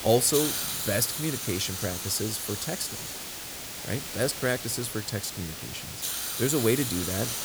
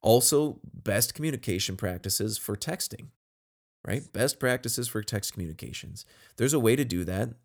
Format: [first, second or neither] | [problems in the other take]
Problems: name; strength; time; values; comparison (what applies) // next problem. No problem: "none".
second | hiss; loud; throughout; 3 dB below the speech